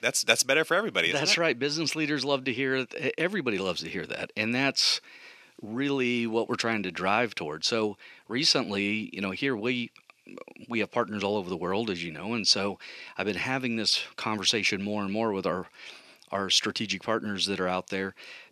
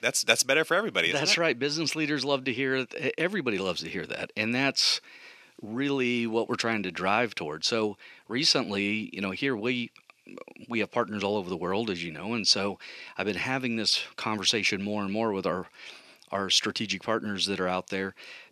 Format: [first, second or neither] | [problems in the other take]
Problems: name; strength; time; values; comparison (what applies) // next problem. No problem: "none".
neither | thin; somewhat; fading below 300 Hz; the same in both